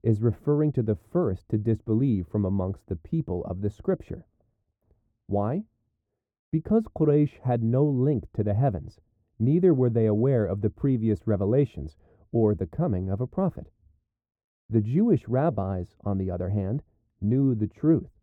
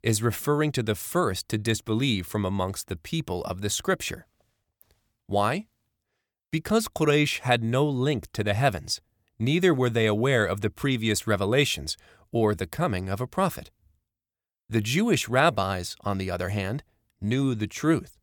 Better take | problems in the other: second | muffled; very; fading above 1.5 kHz

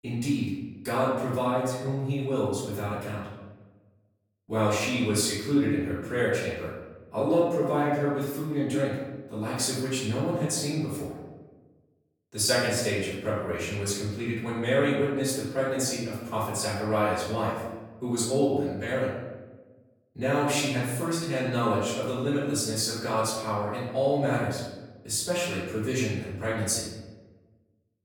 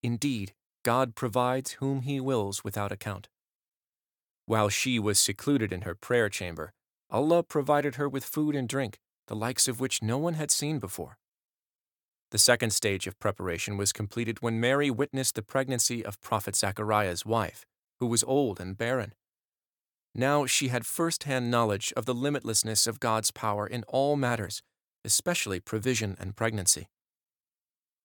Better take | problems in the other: second | off-mic speech; far // room echo; noticeable; dies away in 1.1 s

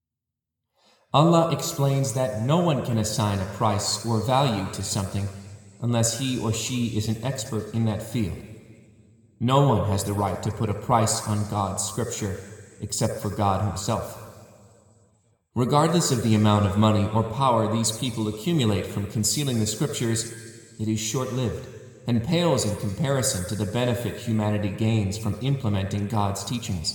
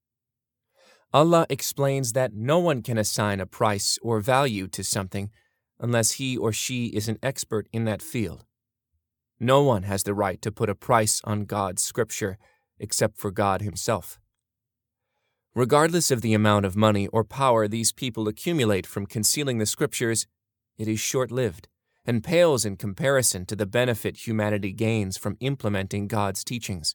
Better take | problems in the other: second | room echo; slight; dies away in 1.8 s

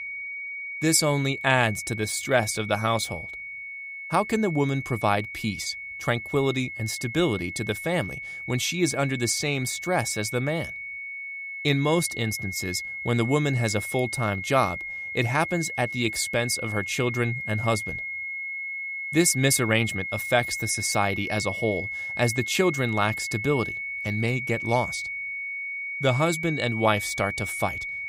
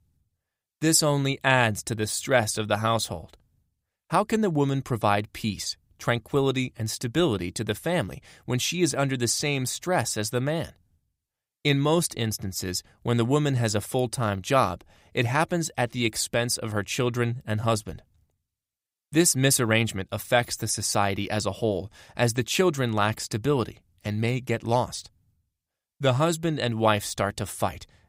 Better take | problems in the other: second | high-pitched whine; loud; throughout; 2 kHz, 6 dB below the speech

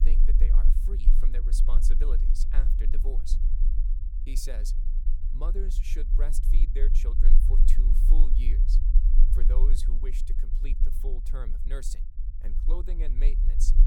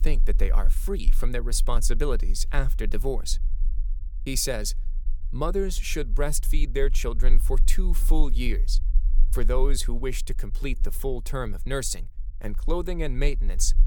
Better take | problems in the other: second | low rumble; loud; throughout; 6 dB below the speech; faint in the second

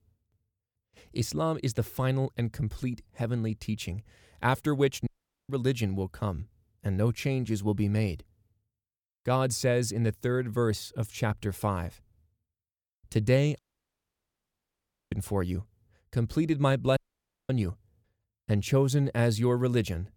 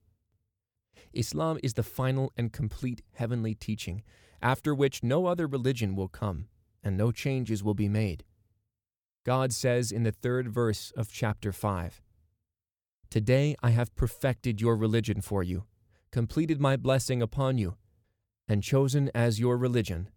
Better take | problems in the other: second | audio cutting out; at 5 s, at 14 s for 1.5 s and at 17 s for 0.5 s

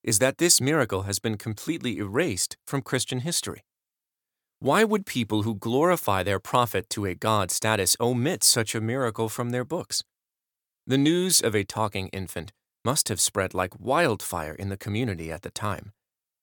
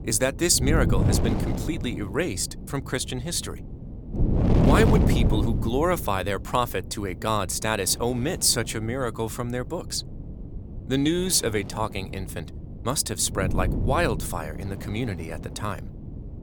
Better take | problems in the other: first | wind noise on the microphone; heavy; 7 dB below the speech

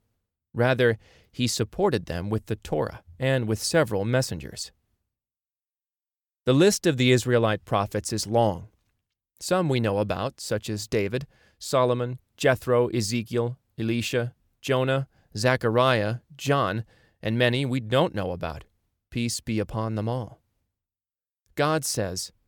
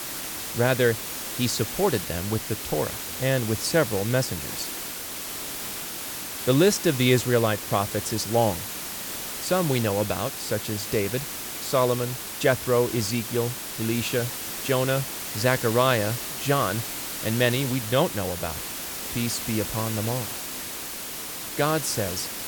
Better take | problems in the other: first | hiss; loud; throughout; 5 dB below the speech

